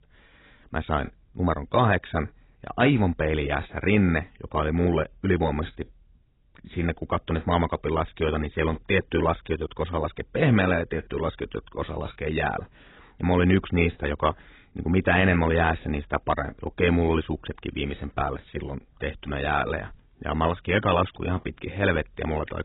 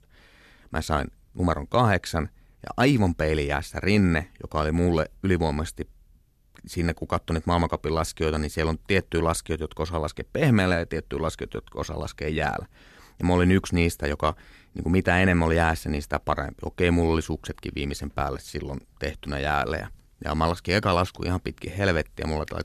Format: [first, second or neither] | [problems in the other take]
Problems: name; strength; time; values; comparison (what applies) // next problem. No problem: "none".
second | garbled, watery; badly; nothing above 4 kHz